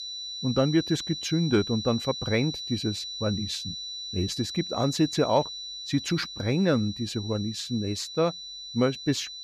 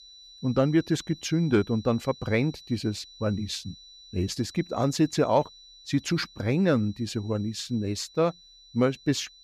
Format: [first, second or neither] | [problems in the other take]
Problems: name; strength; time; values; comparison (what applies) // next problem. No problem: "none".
second | high-pitched whine; loud; throughout; 4 kHz, 7 dB below the speech; faint in the second